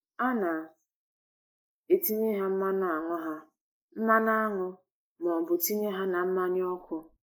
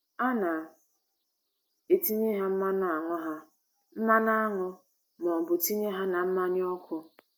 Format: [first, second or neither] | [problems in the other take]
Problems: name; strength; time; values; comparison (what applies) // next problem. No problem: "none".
second | noise reduction (neural mask model Resemble Enhance denoiser)